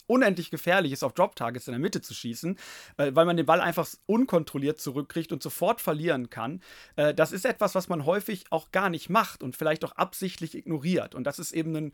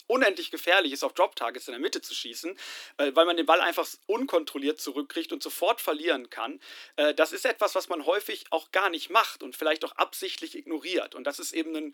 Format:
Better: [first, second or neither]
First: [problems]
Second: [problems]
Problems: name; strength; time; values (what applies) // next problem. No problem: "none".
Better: first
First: none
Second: thin; somewhat; fading below 300 Hz